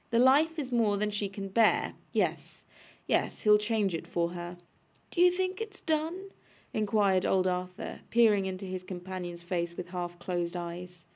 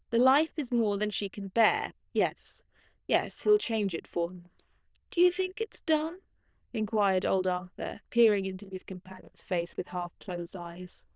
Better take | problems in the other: first | noise reduction (neural diffusion model UNIVERSE++)

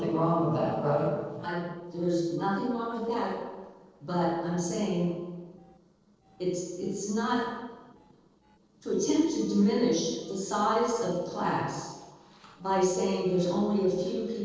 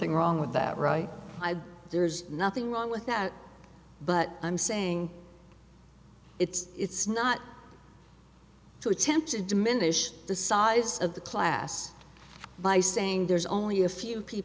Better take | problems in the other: second | noise reduction (neural separator model SepFormer DNS4)

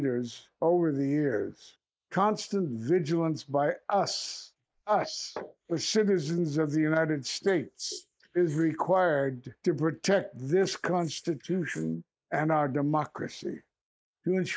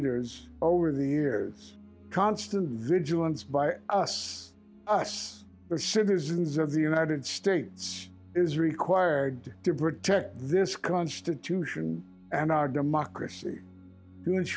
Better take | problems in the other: second | noise reduction (neural mask model Resemble Enhance denoiser)

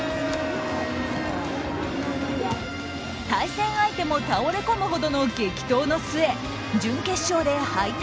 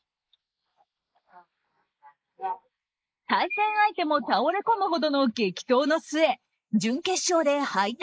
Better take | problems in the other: first | noise reduction (neural mask model Resemble Enhance denoiser)

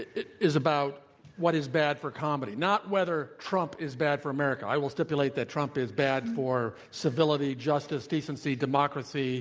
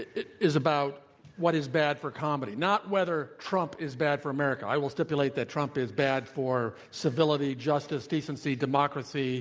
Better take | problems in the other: second | background sound (Brass instrument); 10 dB below the speech

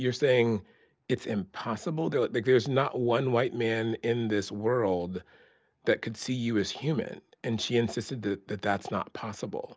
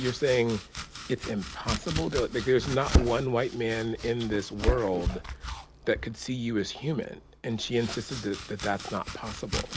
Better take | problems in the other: first | background sound (Domestic sounds, home sounds); 4 dB below the speech

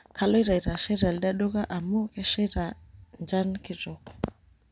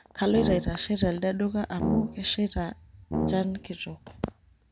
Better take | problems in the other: first | background sound (Brass instrument); 5 dB below the speech

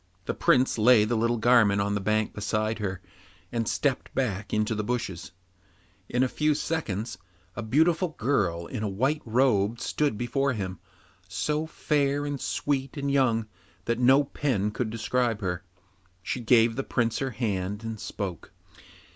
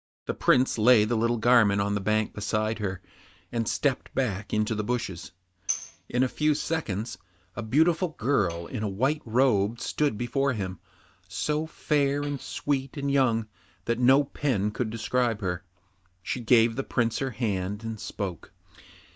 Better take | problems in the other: first | noise reduction (neural mask model DeepFilterNet 3)

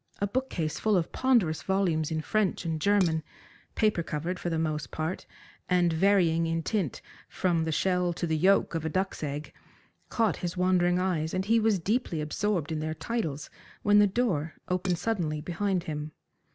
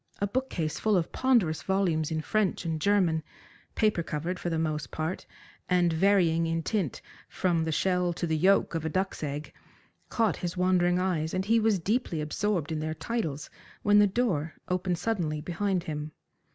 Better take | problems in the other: second | background sound (Dishes, pots, and pans); 17 dB below the speech

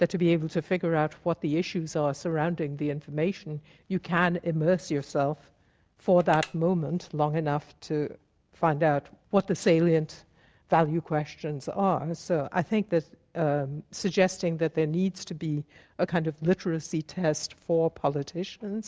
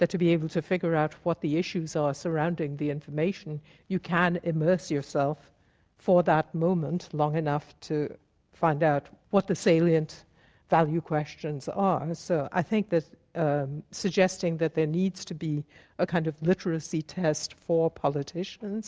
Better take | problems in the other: second | background sound (Telephone); 17 dB below the speech

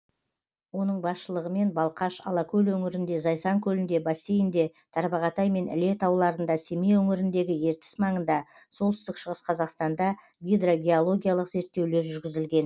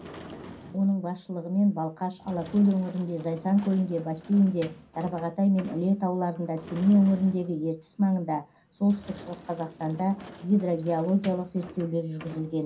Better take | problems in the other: first | background sound (Sliding door / Slam); 19 dB below the speech // room echo; dies away in 0.3 s

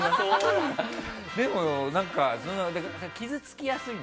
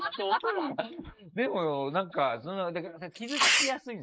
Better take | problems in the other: first | noise reduction (neural mask model Resemble Enhance denoiser)

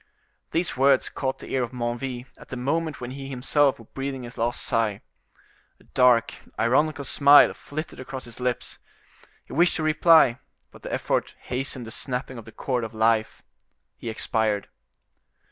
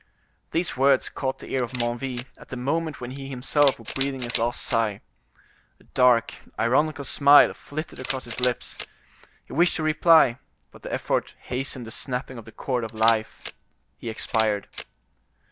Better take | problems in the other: first | background sound (Camera); 16 dB below the speech

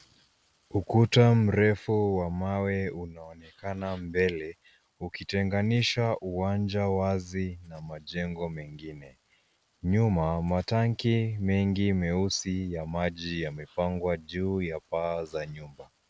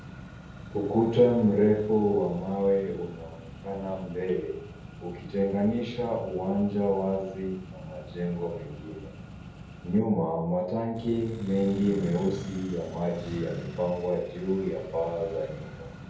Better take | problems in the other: first | background sound (Accelerating, revving, vroom); 13 dB below the speech // room echo; dies away in 0.7 s

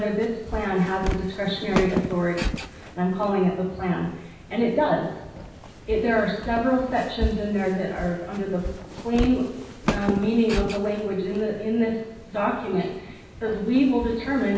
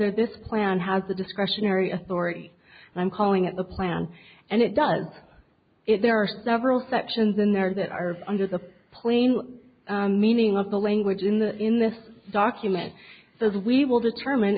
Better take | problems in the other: second | background sound (Walk, footsteps); 8 dB below the speech // room echo; dies away in 0.9 s

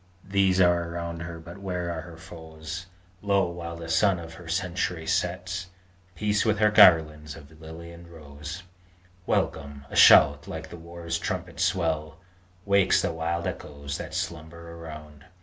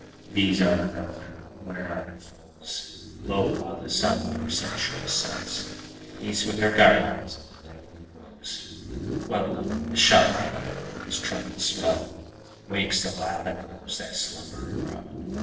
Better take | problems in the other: first | noise reduction (neural separator model SepFormer DNS4)

